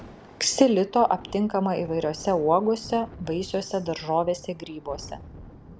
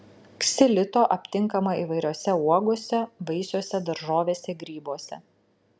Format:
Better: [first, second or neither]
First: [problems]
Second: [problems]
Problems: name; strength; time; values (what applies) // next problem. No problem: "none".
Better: second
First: background sound (Thunder); 20 dB below the speech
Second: none